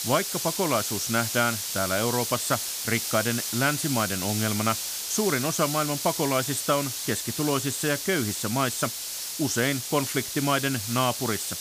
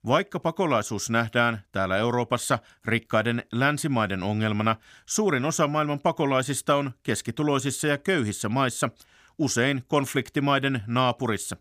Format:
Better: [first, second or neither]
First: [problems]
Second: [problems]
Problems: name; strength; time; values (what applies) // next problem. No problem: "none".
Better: second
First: hiss; loud; throughout; 2 dB below the speech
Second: none